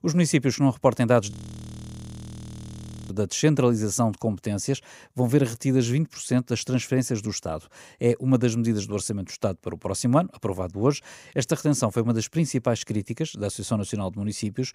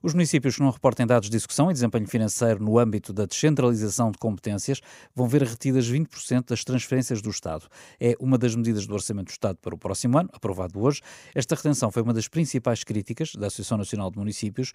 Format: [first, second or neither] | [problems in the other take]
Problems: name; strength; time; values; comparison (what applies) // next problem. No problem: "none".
second | audio freezing; at 1.5 s for 2 s